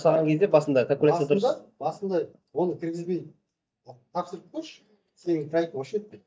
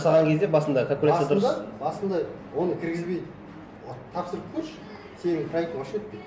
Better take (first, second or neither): second